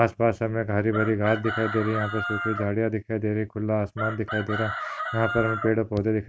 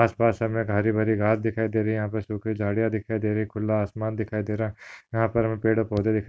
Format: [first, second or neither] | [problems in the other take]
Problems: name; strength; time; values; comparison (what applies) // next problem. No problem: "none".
second | background sound (Chicken, rooster); 7 dB below the speech